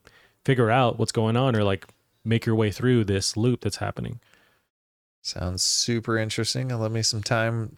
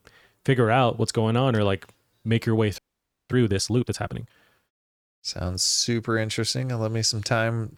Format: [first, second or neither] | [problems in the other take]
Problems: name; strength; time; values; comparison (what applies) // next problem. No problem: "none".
first | audio freezing; at 3 s for 0.5 s